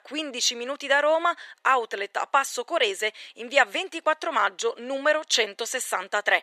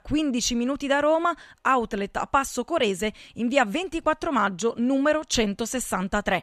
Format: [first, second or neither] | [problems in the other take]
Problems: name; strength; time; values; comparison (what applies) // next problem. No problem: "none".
second | thin; very; fading below 400 Hz